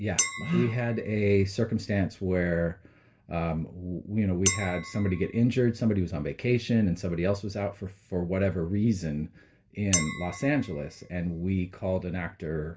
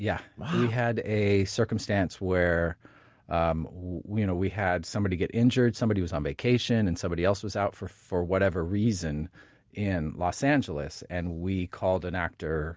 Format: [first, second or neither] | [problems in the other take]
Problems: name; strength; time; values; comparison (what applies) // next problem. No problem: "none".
second | background sound (Chink, clink); 8 dB below the speech // room echo; dies away in 0.2 s